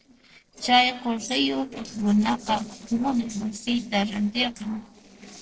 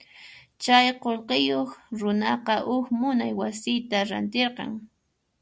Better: second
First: noise reduction (neural separator model SepFormer DNS4)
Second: none

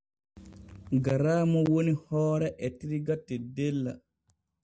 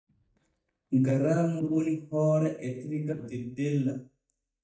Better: first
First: none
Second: noise reduction (neural mask model DeepFilterNet 3)

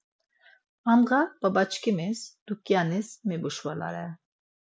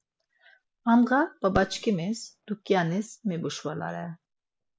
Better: first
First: none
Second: background sound (Fireworks); 18 dB below the speech

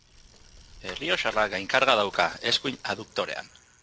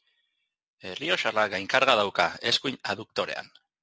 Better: second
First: background sound (Bicycle); 19 dB below the speech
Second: none

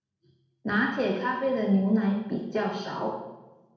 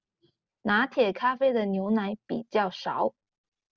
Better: second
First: room echo; dies away in 0.9 s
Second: none

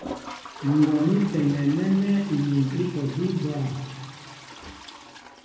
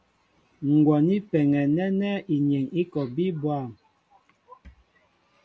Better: second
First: background sound (Toilet flush); 15 dB below the speech // room echo; dies away in 1 s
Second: none

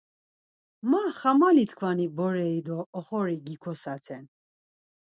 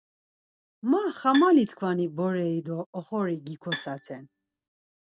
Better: first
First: none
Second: background sound (Bowed string instrument); 13 dB below the speech

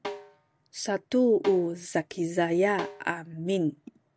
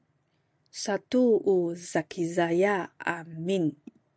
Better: second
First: background sound (Snare drum); 15 dB below the speech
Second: none

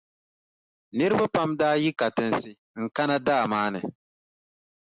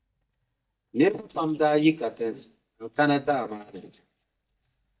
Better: first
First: none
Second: noise reduction (neural mask model DeepFilterNet 3)

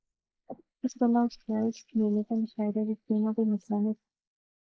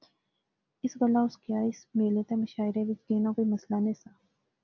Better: second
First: noise reduction (neural mask model Resemble Enhance denoiser)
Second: none

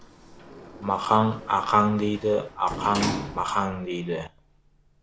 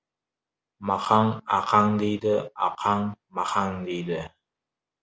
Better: second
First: background sound (Sliding door); 11 dB below the speech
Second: none

